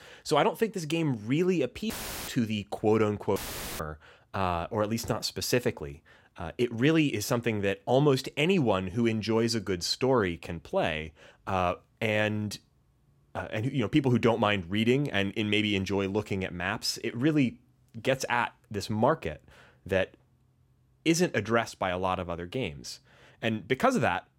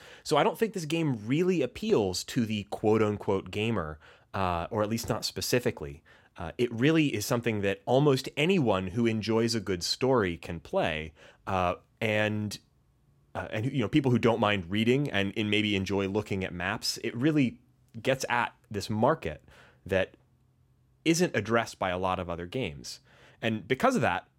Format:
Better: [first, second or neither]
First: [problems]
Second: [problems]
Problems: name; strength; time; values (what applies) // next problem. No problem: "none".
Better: second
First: audio cutting out; filled with static; at 2 s and at 3.5 s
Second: none